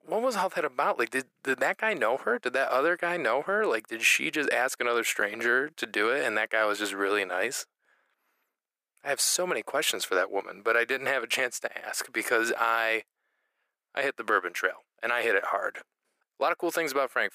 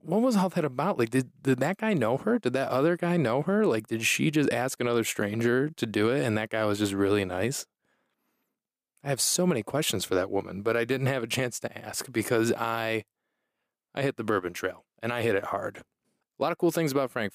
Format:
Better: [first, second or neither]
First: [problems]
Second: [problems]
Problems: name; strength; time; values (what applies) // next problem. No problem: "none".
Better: second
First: thin; very; fading below 550 Hz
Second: none